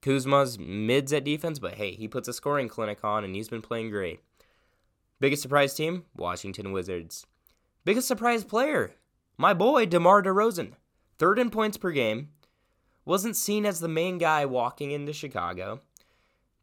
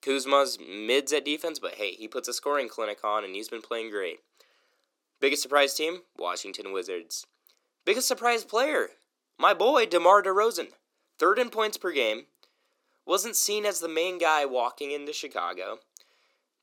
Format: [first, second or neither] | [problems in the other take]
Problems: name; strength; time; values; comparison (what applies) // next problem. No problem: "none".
first | thin; somewhat; fading below 300 Hz